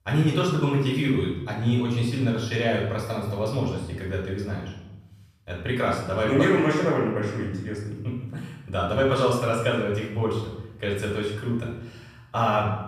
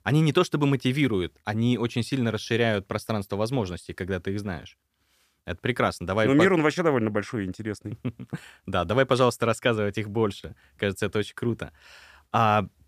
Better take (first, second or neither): second